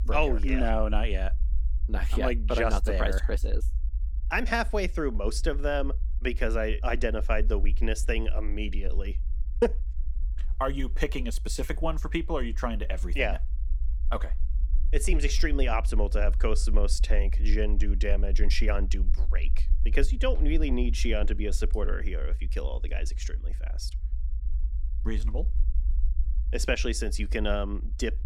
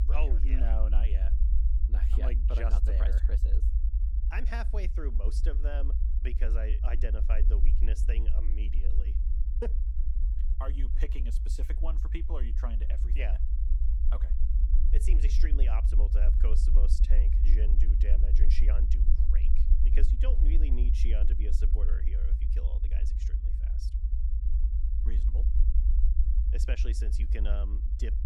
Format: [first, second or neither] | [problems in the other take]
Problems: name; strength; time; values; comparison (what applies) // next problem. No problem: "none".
first | low rumble; loud; throughout; 6 dB below the speech; faint in the first